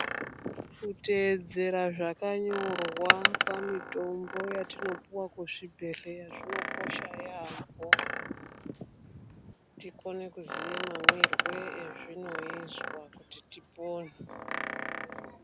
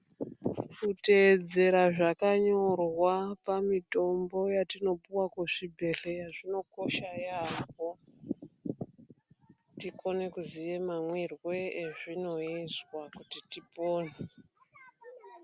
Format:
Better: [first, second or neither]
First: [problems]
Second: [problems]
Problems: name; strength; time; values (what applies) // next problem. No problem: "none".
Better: second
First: background sound (Door); 2 dB above the speech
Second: none